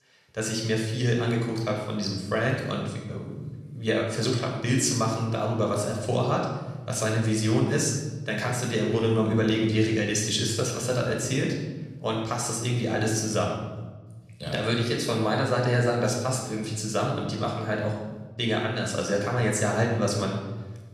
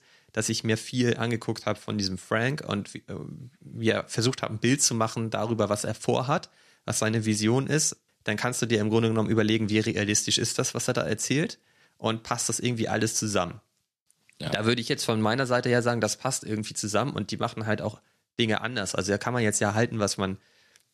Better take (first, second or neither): second